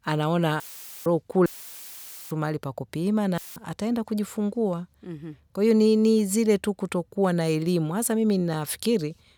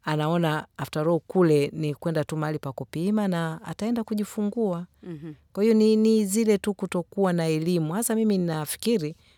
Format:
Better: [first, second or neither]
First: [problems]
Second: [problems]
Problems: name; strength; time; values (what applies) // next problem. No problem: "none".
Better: second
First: audio cutting out; filled with static; at 0.5 s, at 1.5 s for 1 s and at 3.5 s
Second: none